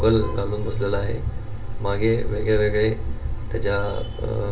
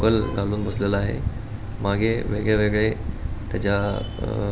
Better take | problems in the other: second | room echo; dies away in 0.2 s

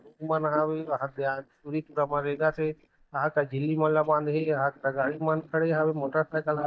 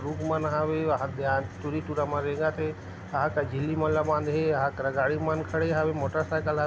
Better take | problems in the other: second | noise reduction (neural mask model DeepFilterNet 3)

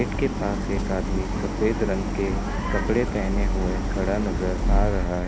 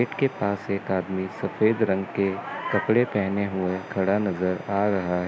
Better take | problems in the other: second | background sound (Idling); 2 dB above the speech

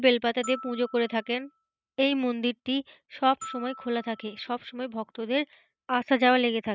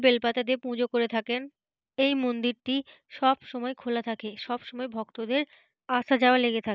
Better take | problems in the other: second | noise reduction (neural mask model RNNoise)

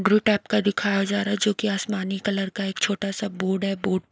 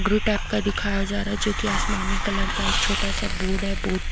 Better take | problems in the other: first | background sound (Hiss); 2 dB above the speech

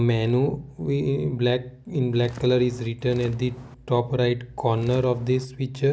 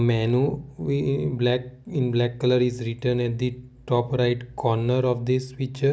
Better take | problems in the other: second | background sound (Walk, footsteps); 19 dB below the speech

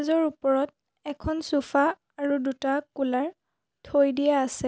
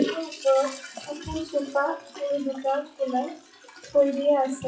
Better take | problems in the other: first | noise reduction (classical method WPE with log-MMSE)

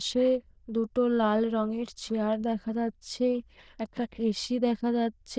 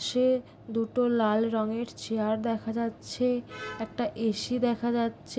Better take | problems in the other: second | noise reduction (neural diffusion model UNIVERSE++)

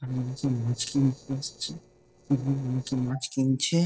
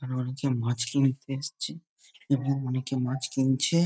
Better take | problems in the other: second | noise reduction (neural separator model SepFormer DNS4)

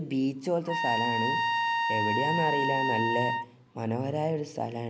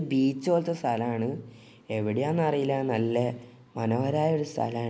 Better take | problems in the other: second | background sound (Trumpet); 2 dB above the speech

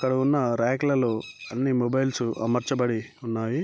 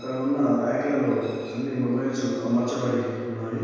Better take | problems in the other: first | room echo; dies away in 1.9 s

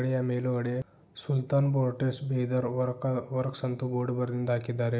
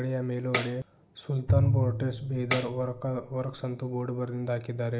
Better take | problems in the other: first | background sound (Bowed string instrument + Tambourine); as loud as the speech

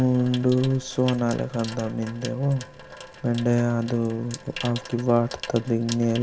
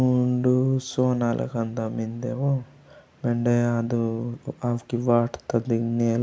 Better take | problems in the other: second | background sound (Sink (filling or washing) / Water tap, faucet); 16 dB below the speech

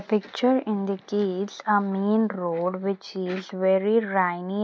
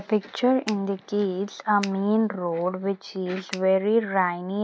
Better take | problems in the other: first | background sound (Finger snapping); 14 dB below the speech

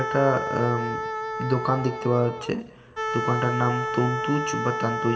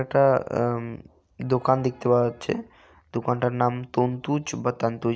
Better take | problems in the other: second | background sound (Wind instrument, woodwind instrument); 4 dB below the speech // room echo; dies away in 2.7 s

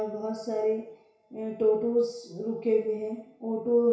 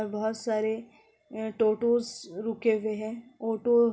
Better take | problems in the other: second | room echo; dies away in 0.6 s

